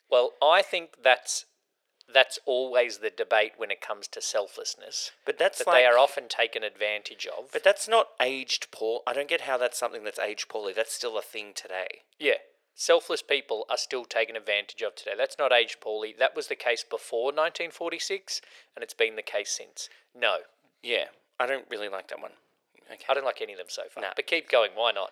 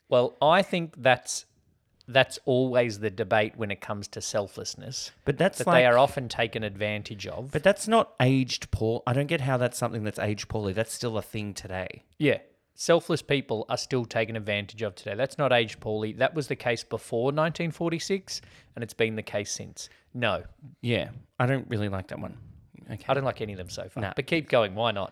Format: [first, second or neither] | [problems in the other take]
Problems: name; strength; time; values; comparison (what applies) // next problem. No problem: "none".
second | thin; very; fading below 450 Hz